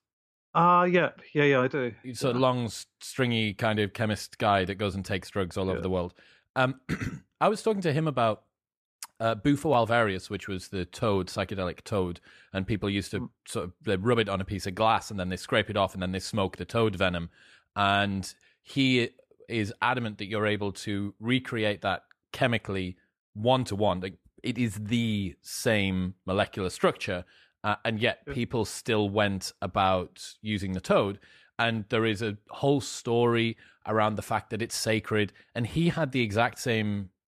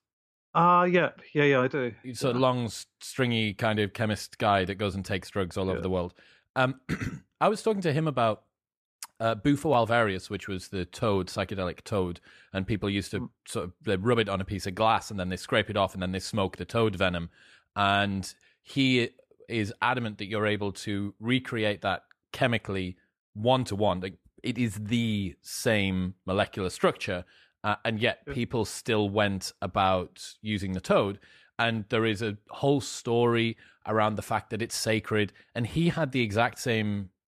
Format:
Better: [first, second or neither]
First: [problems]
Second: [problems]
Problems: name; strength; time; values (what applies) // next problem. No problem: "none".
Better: neither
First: none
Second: none